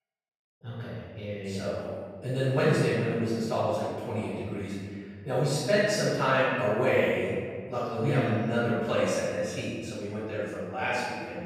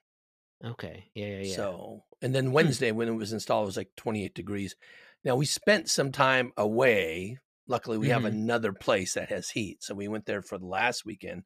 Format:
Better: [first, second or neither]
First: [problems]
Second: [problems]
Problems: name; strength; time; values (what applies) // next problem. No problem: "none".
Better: second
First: off-mic speech; far // room echo; strong; dies away in 1.8 s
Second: none